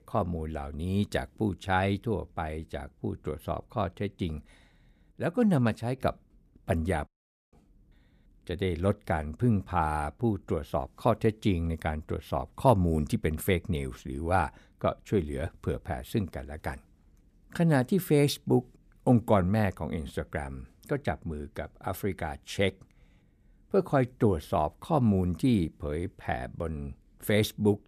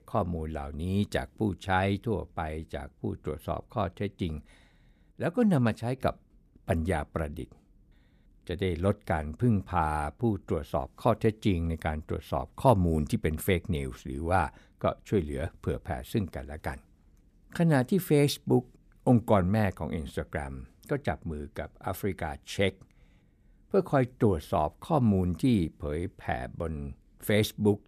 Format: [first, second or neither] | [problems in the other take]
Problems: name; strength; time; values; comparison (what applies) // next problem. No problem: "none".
second | audio cutting out; at 7 s